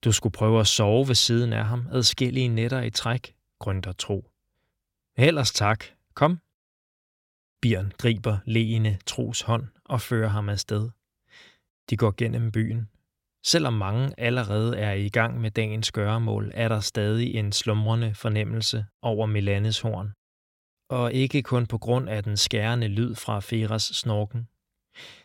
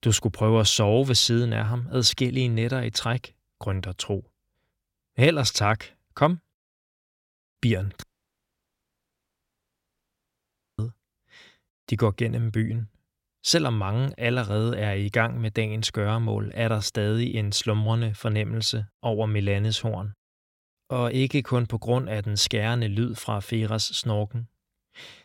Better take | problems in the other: first | audio cutting out; at 8 s for 3 s

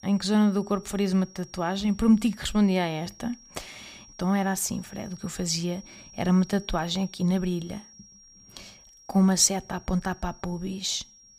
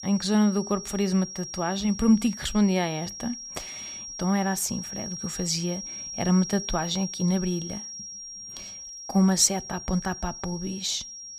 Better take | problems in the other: first | high-pitched whine; loud; throughout; 5.5 kHz, 10 dB below the speech; faint in the first

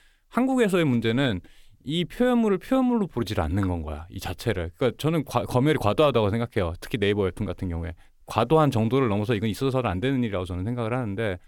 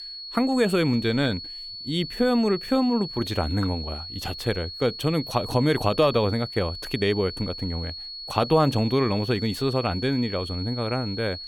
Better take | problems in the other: first | high-pitched whine; loud; throughout; 4.5 kHz, 9 dB below the speech

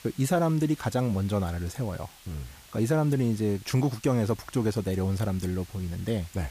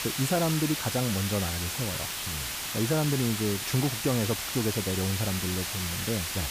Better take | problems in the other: first | hiss; loud; throughout; 1 dB below the speech; faint in the first

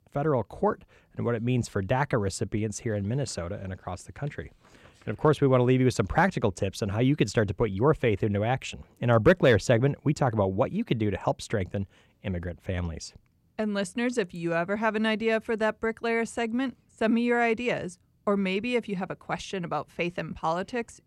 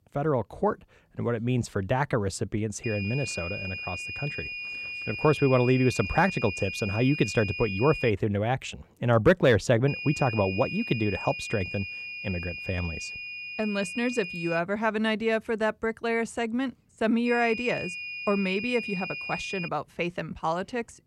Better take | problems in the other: first | high-pitched whine; loud; from 3 to 8 s, from 10 to 15 s and from 17 to 20 s; 2.5 kHz, 7 dB below the speech

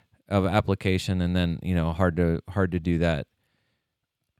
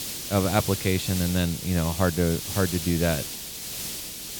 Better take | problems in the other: first | hiss; loud; throughout; 5 dB below the speech

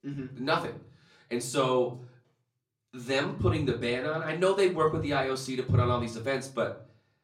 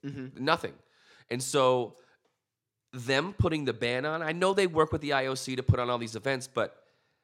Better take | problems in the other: second | off-mic speech; far // room echo; very slight; dies away in 0.4 s

